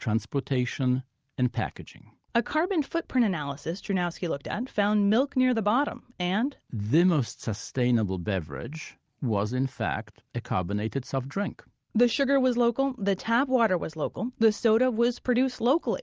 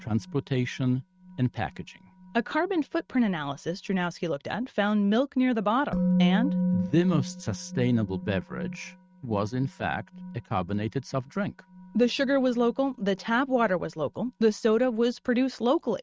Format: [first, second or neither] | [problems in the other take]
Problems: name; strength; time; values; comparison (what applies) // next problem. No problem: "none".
first | noise reduction (neural mask model RNNoise)